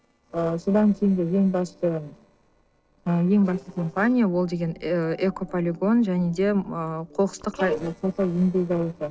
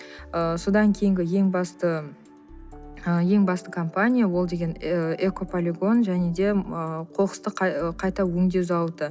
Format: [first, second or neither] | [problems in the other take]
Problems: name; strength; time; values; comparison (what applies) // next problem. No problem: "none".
second | noise reduction (neural separator model SepFormer DNS4)